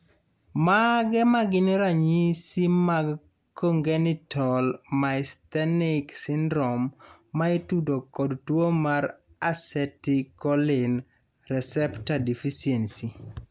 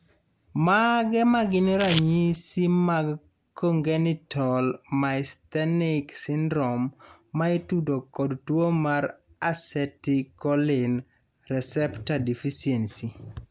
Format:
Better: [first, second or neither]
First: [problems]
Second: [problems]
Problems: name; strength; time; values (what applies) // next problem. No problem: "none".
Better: first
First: none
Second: background sound (Domestic sounds, home sounds); 9 dB below the speech